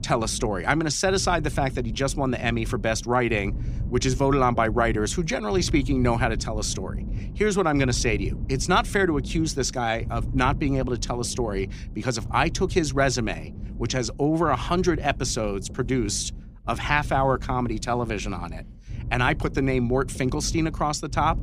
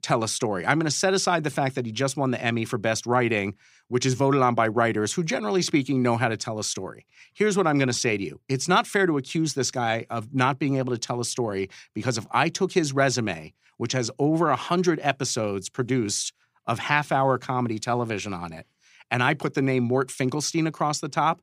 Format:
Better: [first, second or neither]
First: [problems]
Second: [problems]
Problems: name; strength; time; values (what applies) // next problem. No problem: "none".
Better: second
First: low rumble; faint; throughout; 20 dB below the speech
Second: none